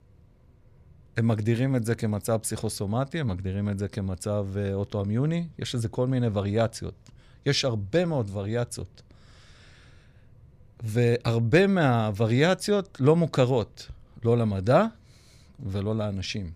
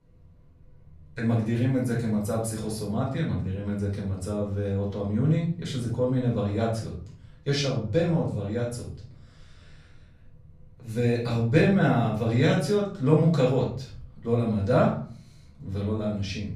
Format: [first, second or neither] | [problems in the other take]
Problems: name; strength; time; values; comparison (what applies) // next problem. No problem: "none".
first | off-mic speech; far // room echo; noticeable; dies away in 0.5 s